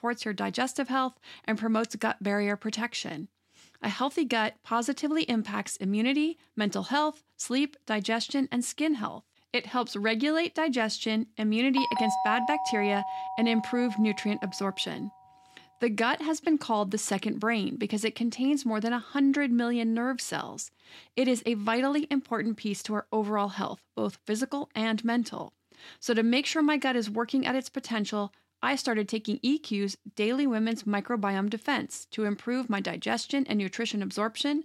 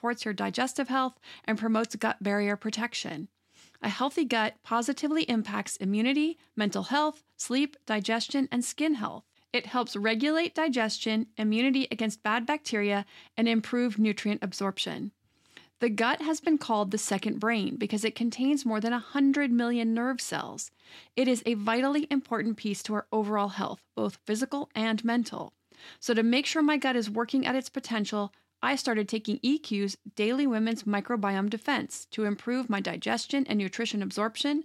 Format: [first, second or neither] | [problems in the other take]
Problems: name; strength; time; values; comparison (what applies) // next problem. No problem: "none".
second | doorbell; loud; from 12 to 14 s; peak level with the speech